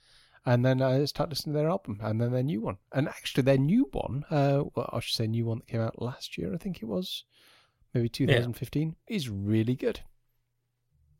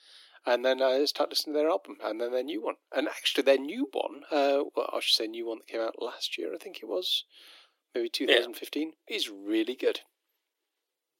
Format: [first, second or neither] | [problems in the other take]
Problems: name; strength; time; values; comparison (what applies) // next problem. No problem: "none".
first | thin; somewhat; fading below 300 Hz